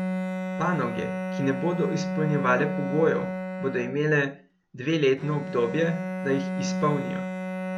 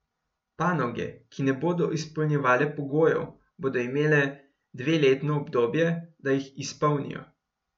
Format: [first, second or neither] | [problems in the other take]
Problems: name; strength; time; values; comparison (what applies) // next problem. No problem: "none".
second | background sound (Bowed string instrument); 4 dB below the speech